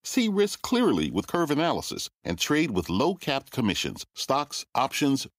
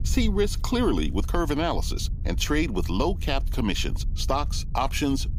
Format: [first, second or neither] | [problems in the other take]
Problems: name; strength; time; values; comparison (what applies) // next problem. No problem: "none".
first | wind noise on the microphone; occasional gusts; 20 dB below the speech